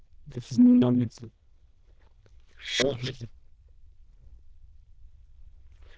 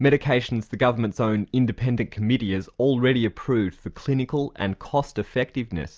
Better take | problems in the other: second | noise reduction (neural diffusion model UNIVERSE++)

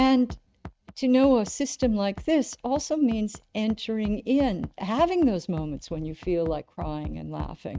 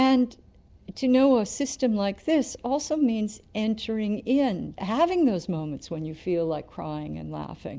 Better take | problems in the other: second | noise reduction (neural mask model RNNoise)

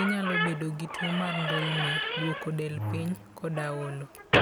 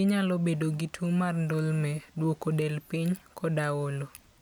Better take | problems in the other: second | background sound (Squeak / Slam); 1 dB above the speech

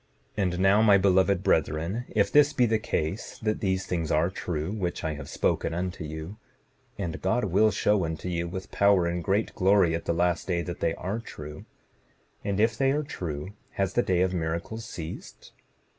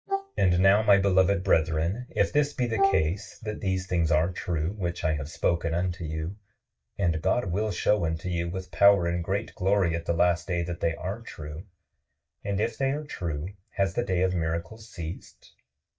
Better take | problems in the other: first | noise reduction (neural mask model DeepFilterNet 3)

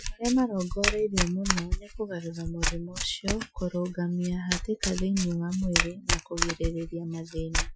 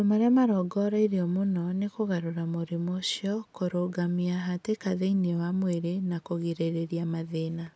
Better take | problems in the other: second | noise reduction (classical method Wiener filter)

